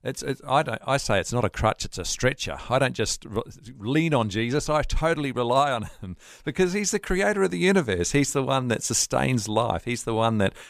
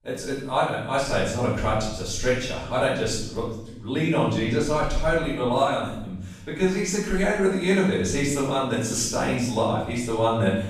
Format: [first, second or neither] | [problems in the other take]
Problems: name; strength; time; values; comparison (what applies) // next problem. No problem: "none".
first | off-mic speech; far // room echo; noticeable; dies away in 0.8 s